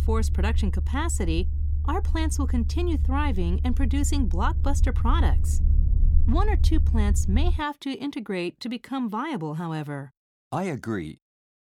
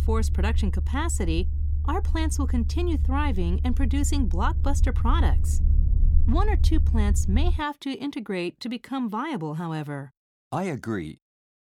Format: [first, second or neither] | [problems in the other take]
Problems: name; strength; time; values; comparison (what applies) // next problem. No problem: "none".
neither | low rumble; noticeable; until 7.5 s; 15 dB below the speech; the same in both